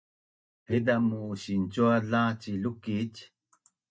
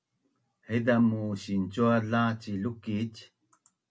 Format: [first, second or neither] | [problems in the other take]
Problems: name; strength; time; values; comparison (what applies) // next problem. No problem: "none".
second | noise reduction (neural mask model DeepFilterNet 3)